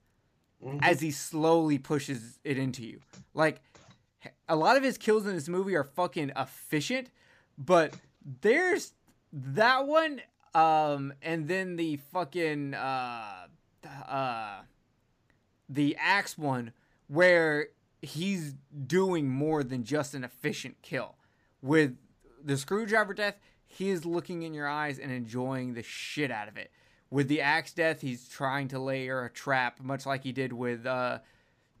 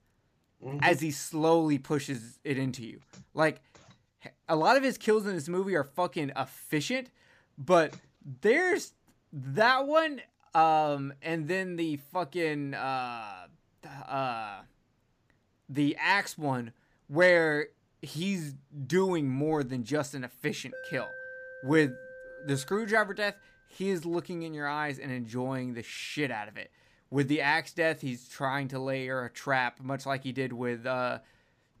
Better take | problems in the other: first | alarm; faint; from 21 to 23 s; peak 10 dB below the speech

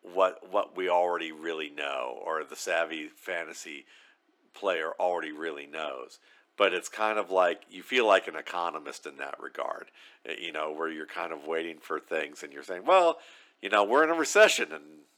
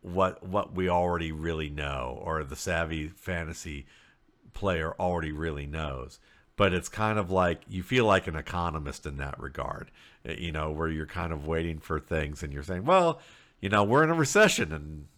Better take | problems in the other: second | thin; very; fading below 300 Hz

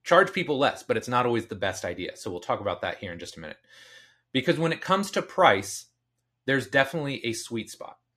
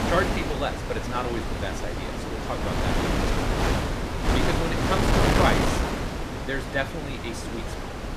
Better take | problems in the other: first | wind noise on the microphone; heavy; 2 dB above the speech

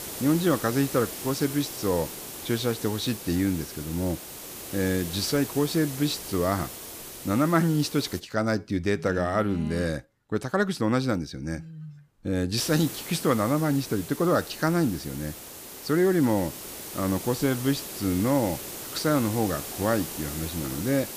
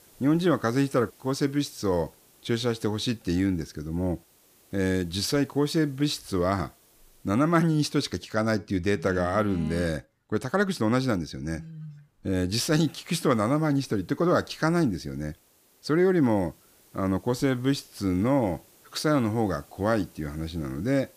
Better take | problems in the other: second | hiss; loud; until 8 s and from 13 s on; 9 dB below the speech; faint in the second

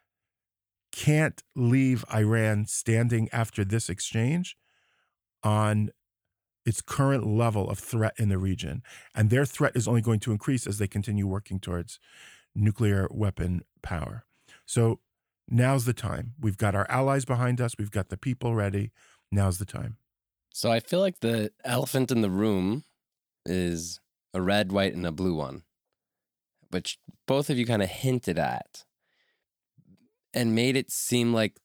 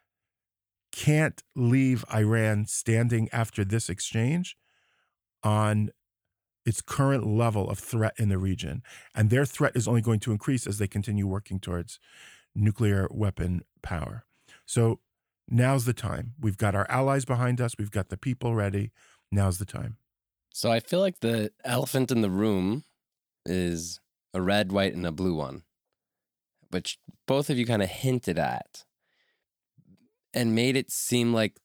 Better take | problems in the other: neither | none

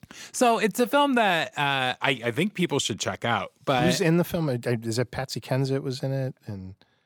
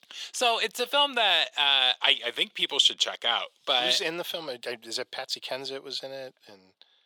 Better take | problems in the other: first | thin; very; fading below 550 Hz

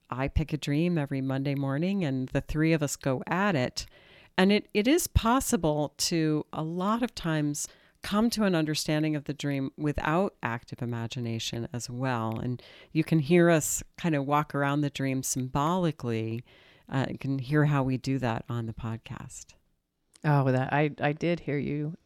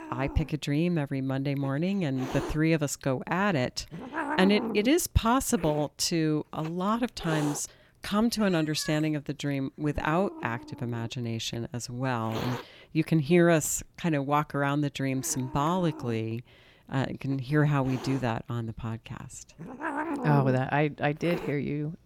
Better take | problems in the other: first | hiss; noticeable; throughout; 10 dB below the speech

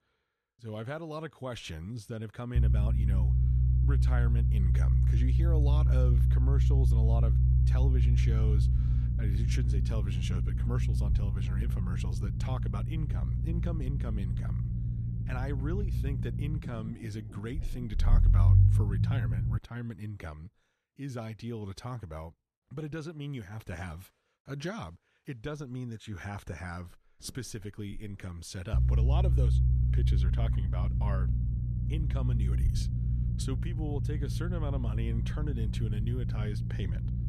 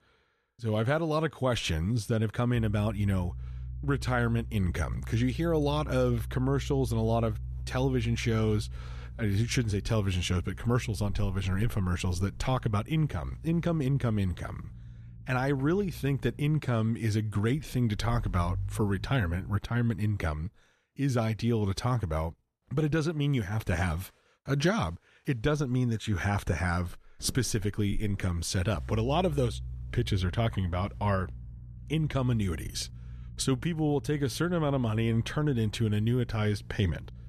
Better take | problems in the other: second | low rumble; loud; from 2.5 to 20 s and from 29 s on; 1 dB below the speech; faint in the second

